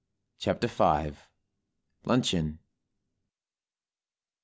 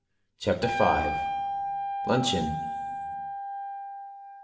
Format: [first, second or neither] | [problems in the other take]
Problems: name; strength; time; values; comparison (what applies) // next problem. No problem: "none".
first | background sound (Wind instrument, woodwind instrument); 2 dB below the speech // room echo; dies away in 1.6 s